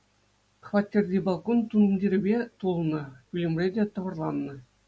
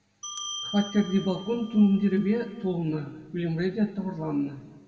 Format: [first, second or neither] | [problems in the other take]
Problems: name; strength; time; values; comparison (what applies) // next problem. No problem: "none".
first | background sound (Bell); 13 dB below the speech // room echo; dies away in 1.7 s